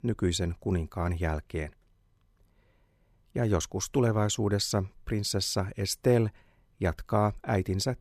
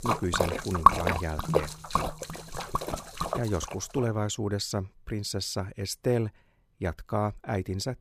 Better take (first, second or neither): first